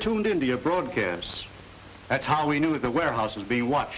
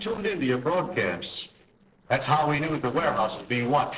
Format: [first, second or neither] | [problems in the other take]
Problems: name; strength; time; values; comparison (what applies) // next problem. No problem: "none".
first | noise reduction (neural separator model SepFormer DNS4)